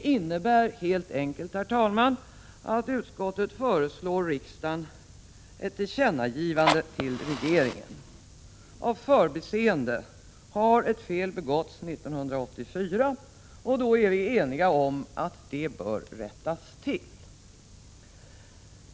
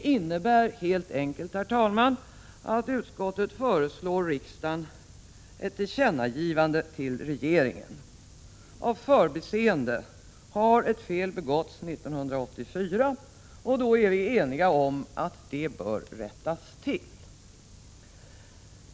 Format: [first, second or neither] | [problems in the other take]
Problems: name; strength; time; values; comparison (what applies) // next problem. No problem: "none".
second | background sound (Fire); 4 dB below the speech